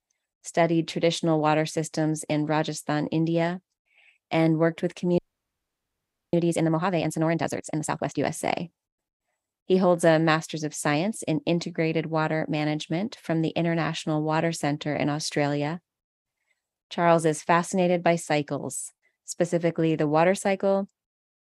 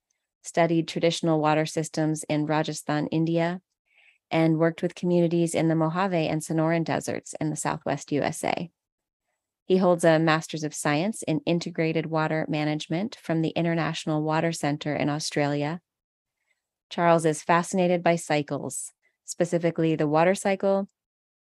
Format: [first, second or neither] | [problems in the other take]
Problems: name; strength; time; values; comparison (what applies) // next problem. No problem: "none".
second | audio freezing; at 5 s for 1 s